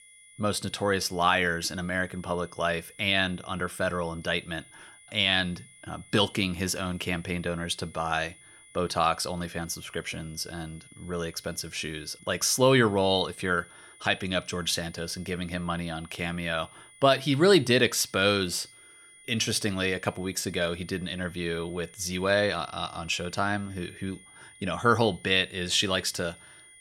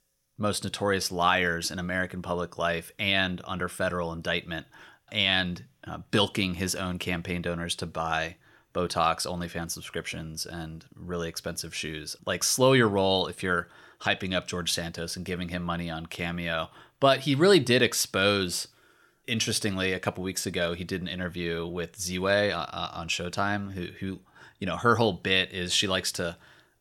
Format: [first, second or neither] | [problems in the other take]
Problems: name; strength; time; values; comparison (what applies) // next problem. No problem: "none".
second | high-pitched whine; faint; throughout; 9.5 kHz, 25 dB below the speech